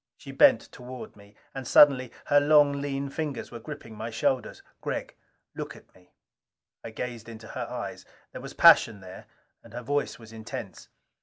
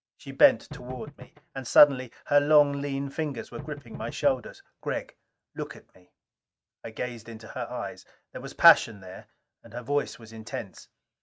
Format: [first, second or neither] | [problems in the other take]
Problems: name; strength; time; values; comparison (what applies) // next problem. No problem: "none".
first | noise reduction (neural mask model RNNoise)